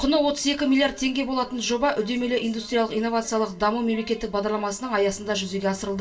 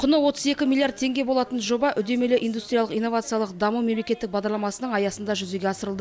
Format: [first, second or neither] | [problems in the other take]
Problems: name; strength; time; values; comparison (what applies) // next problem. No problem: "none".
second | room echo; dies away in 0.2 s